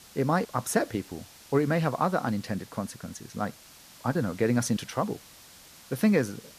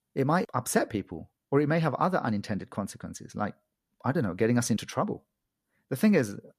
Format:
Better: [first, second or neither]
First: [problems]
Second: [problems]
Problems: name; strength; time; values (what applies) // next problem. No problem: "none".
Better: second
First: hiss; faint; throughout; 20 dB below the speech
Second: none